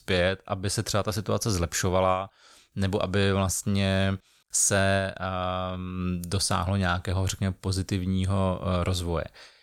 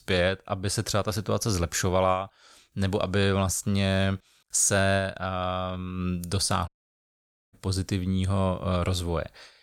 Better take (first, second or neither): first